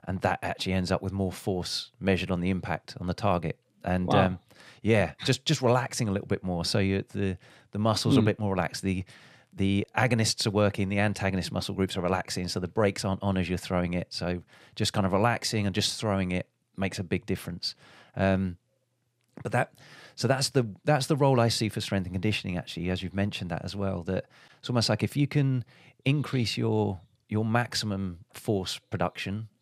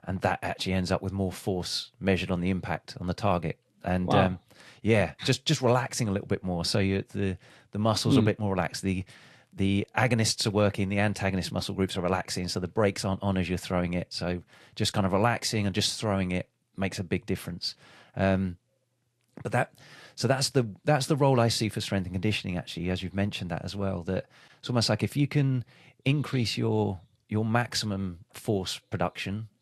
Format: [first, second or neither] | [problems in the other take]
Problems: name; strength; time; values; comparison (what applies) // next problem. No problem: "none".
first | garbled, watery; slightly; nothing above 12.5 kHz